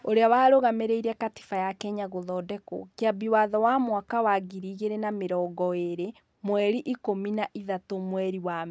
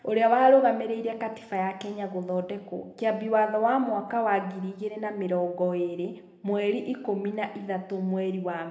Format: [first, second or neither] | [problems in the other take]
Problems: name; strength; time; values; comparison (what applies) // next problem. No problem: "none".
first | room echo; dies away in 0.8 s